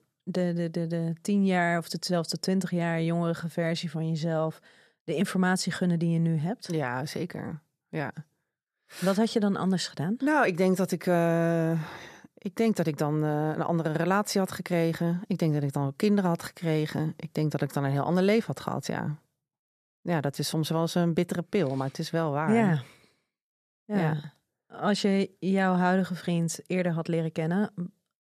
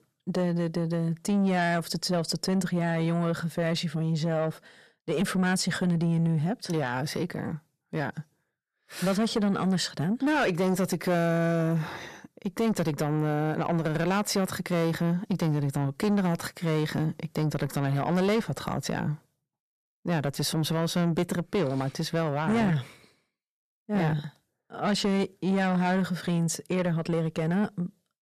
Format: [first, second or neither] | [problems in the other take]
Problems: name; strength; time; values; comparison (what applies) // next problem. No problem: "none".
first | distortion; slight; 10 dB below the speech